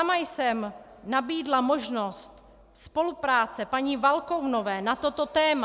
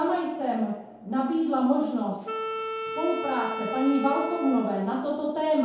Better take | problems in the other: first | background sound (Wind instrument, woodwind instrument); 7 dB below the speech // room echo; dies away in 0.8 s

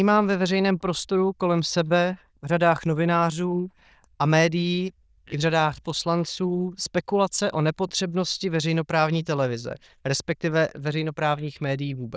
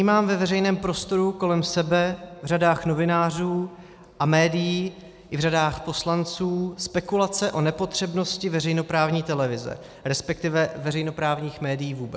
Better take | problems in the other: second | noise reduction (neural diffusion model UNIVERSE++)

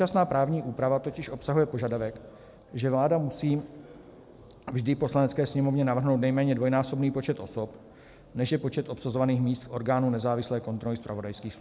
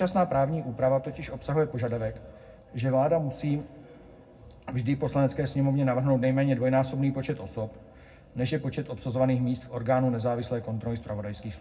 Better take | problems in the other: first | room echo; dies away in 0.3 s

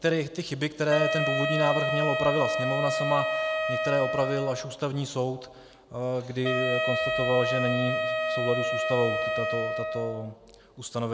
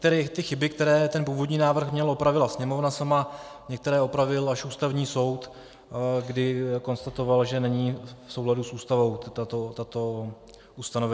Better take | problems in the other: second | background sound (Wind instrument, woodwind instrument); as loud as the speech

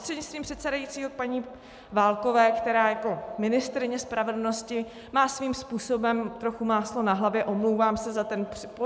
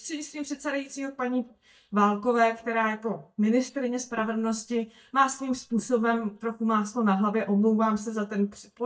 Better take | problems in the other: first | noise reduction (neural mask model DeepFilterNet 3)

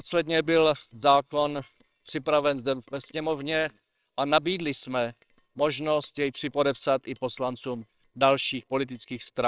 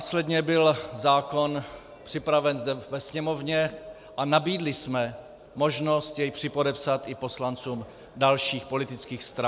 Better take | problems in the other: second | noise reduction (neural separator model SepFormer WHAMR!)

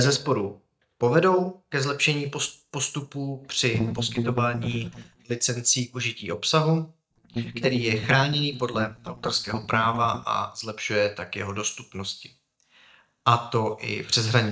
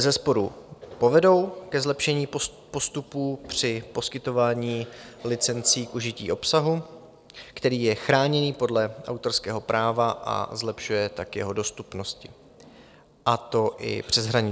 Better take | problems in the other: second | noise reduction (neural mask model DeepFilterNet 3)

